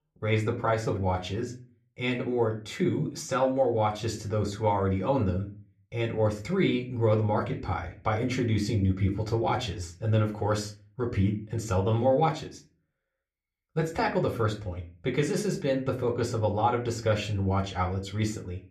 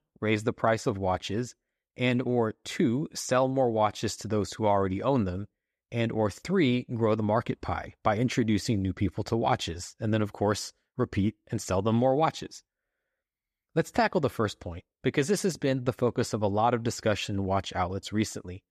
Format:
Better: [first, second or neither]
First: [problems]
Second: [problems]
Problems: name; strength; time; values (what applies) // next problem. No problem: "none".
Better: second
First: off-mic speech; somewhat distant // room echo; very slight; dies away in 0.3 s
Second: none